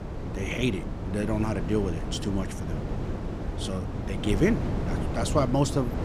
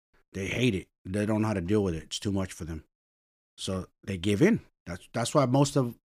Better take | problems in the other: second | wind noise on the microphone; heavy; 7 dB below the speech

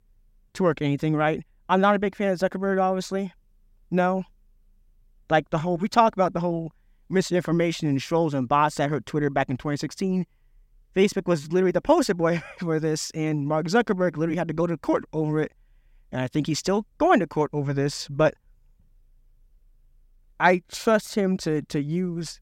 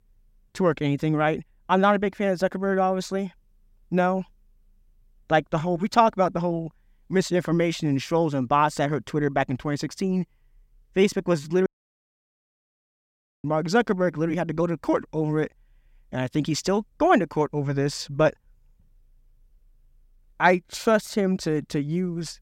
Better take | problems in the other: first | audio cutting out; at 12 s for 2 s

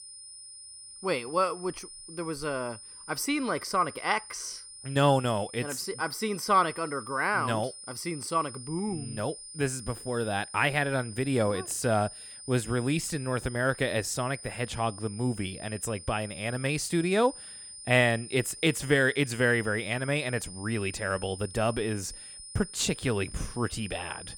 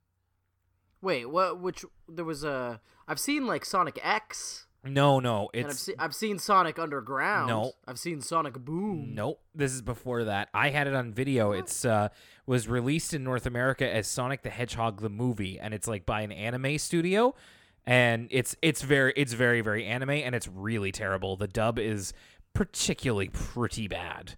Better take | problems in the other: second | high-pitched whine; noticeable; throughout; 9 kHz, 15 dB below the speech

